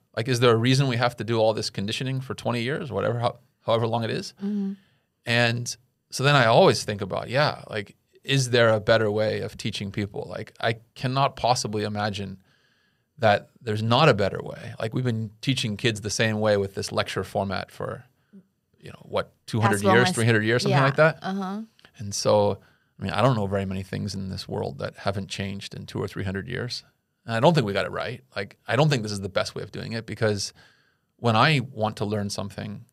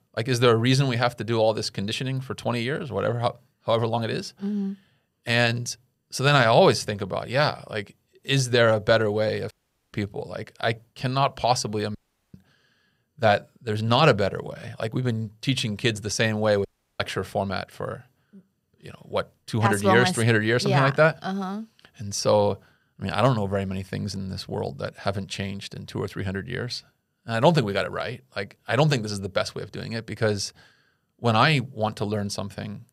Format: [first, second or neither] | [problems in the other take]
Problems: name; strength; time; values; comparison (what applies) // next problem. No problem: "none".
first | audio cutting out; at 9.5 s, at 12 s and at 17 s